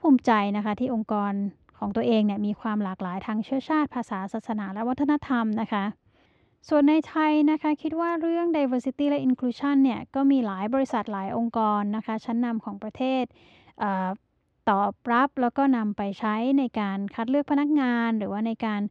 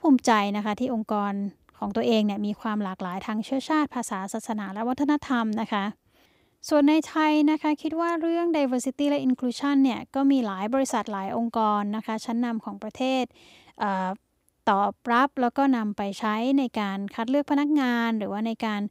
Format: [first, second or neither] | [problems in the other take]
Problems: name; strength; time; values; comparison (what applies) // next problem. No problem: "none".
second | muffled; slightly; fading above 3 kHz